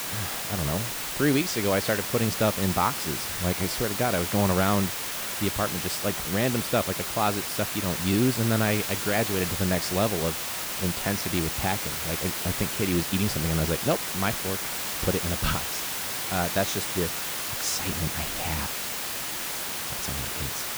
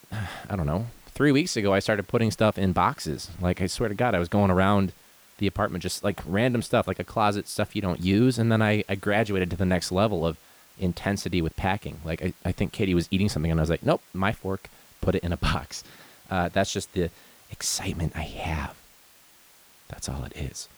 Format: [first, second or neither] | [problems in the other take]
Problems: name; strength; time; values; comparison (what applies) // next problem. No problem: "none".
second | hiss; loud; throughout; 1 dB below the speech; faint in the second